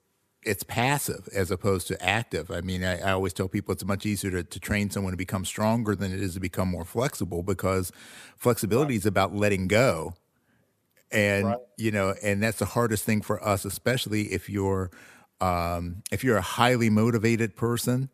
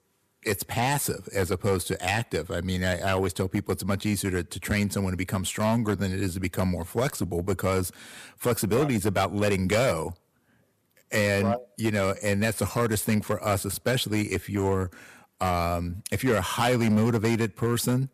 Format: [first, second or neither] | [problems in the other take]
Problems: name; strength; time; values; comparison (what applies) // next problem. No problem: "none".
first | distortion; slight; 5% of the sound clipped